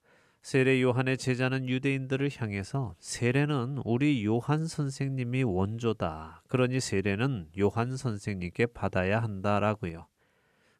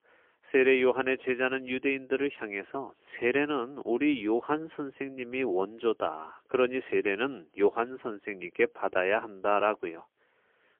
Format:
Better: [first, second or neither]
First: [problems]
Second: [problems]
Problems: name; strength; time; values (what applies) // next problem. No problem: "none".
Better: first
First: none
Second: phone-call audio; poor line